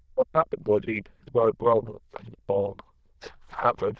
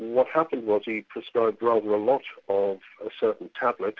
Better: second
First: noise reduction (neural diffusion model UNIVERSE++)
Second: none

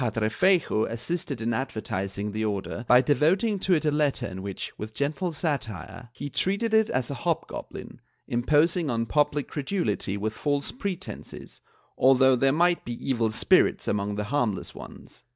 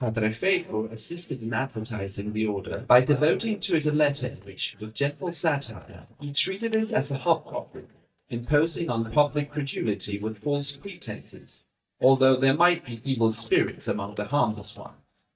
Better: first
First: none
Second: noise reduction (neural mask model DeepFilterNet 3)

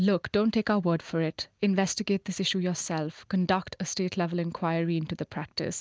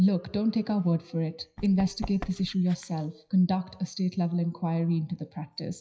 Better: first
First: none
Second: noise reduction (classical method WPE with log-MMSE)

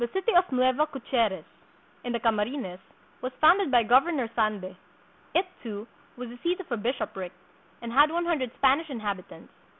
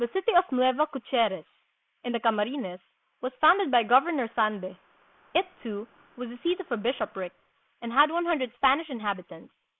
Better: first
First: none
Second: noise reduction (neural mask model Resemble Enhance denoiser)

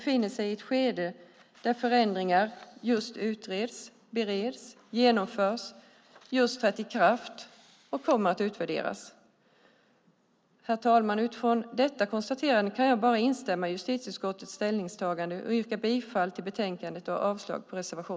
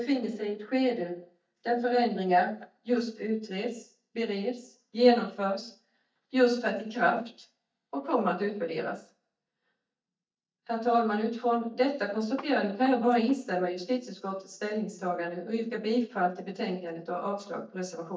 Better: first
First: none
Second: noise reduction (neural mask model DeepFilterNet 3)

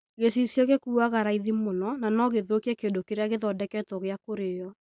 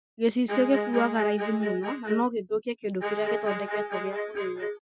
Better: first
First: none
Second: noise reduction (classical method Wiener filter)

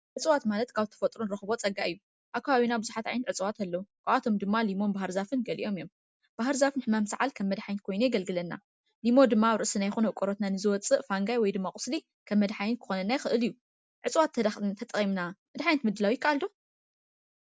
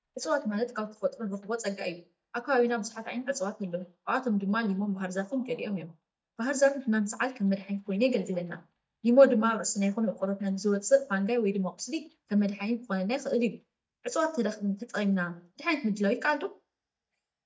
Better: first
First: none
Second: noise reduction (neural mask model DeepFilterNet 3)

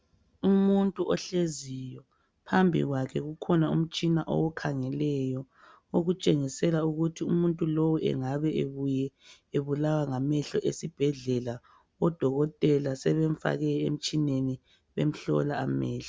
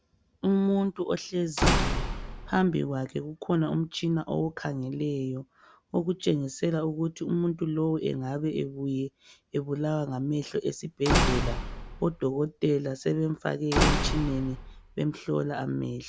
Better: first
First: none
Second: background sound (Slam / Wood); 1 dB below the speech

